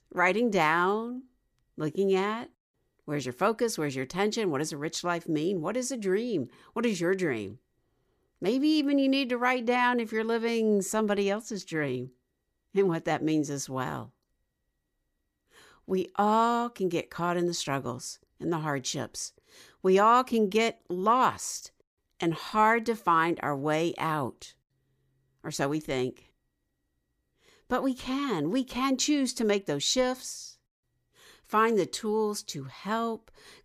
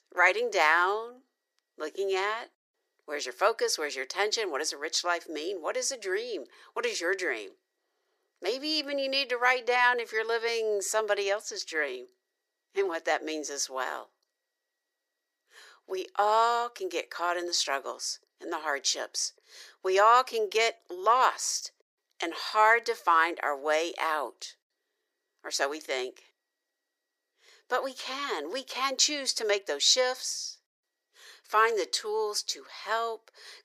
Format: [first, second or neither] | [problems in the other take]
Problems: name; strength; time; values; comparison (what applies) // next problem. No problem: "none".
first | thin; very; fading below 400 Hz